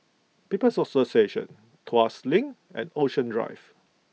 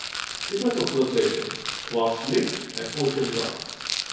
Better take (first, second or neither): first